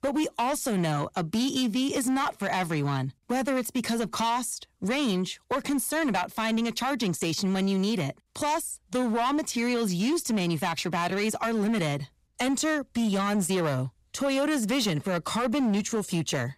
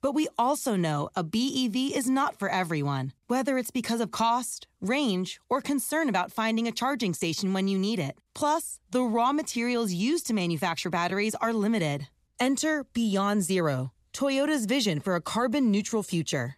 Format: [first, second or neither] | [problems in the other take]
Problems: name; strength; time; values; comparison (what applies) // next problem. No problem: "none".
second | distortion; slight; 15% of the sound clipped